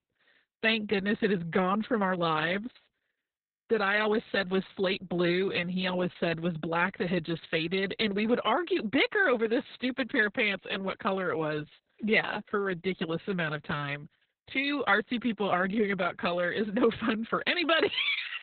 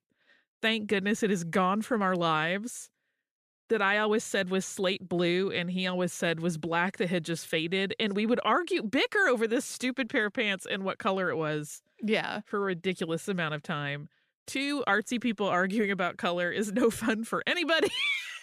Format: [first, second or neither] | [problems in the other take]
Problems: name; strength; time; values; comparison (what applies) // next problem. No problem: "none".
second | garbled, watery; badly; nothing above 4 kHz